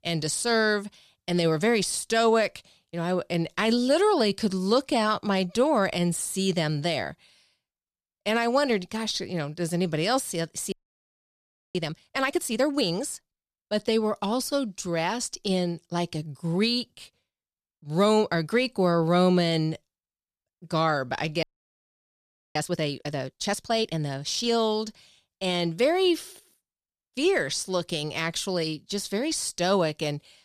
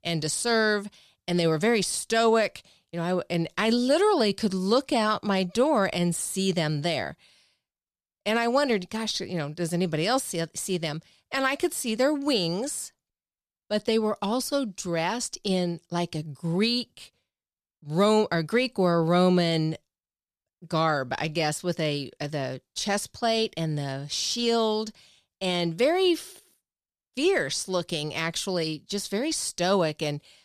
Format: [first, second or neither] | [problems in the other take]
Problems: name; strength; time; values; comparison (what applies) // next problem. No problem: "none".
second | audio freezing; at 11 s for 1 s and at 21 s for 1 s